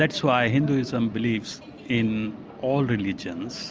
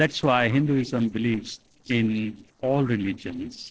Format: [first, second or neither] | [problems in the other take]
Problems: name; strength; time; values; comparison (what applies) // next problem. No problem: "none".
first | noise reduction (neural separator model SepFormer DNS4)